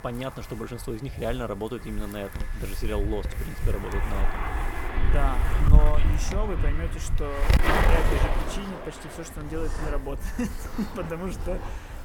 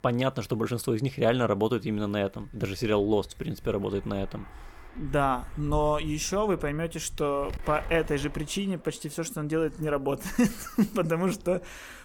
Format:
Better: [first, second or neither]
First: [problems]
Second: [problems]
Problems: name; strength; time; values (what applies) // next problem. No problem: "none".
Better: second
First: wind noise on the microphone; heavy; 2 dB above the speech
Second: wind noise on the microphone; occasional gusts; 20 dB below the speech